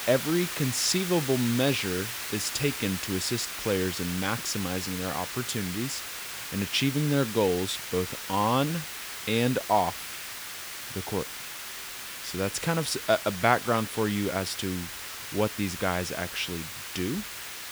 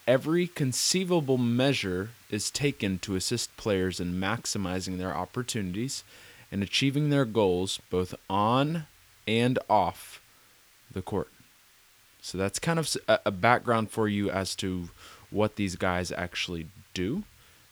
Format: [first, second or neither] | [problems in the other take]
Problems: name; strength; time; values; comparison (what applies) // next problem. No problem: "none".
second | hiss; loud; throughout; 6 dB below the speech; faint in the second